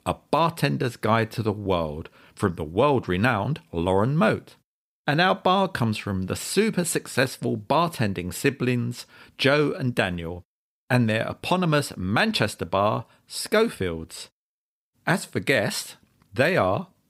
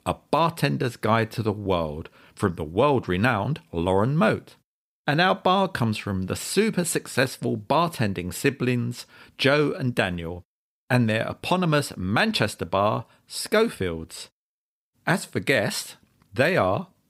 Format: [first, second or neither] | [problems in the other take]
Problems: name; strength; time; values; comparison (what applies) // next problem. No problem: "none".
neither | none